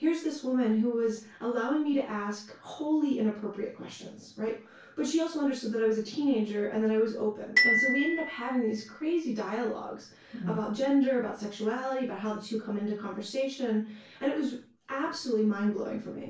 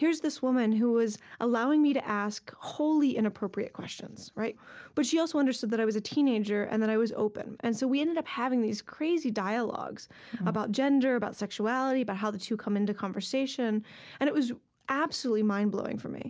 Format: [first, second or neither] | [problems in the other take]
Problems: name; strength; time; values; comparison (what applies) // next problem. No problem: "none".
second | background sound (Glockenspiel); 2 dB below the speech // room echo; dies away in 0.3 s